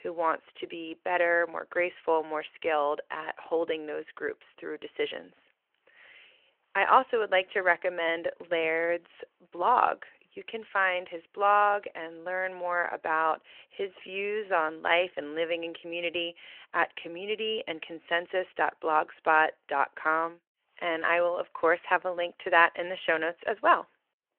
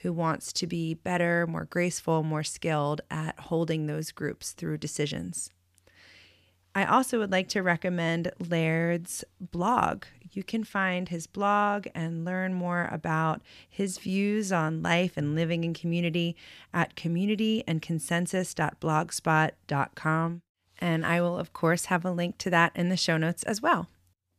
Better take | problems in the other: second | phone-call audio

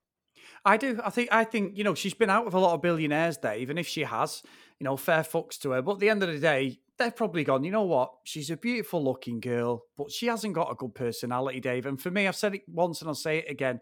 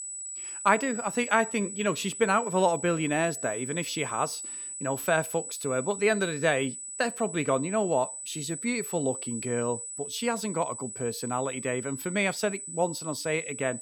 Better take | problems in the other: first | high-pitched whine; loud; throughout; 8 kHz, 7 dB below the speech

